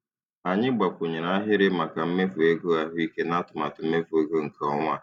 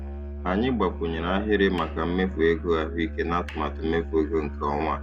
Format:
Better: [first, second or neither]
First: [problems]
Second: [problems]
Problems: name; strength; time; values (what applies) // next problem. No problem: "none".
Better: first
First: none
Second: background sound (Musical instrument); 8 dB below the speech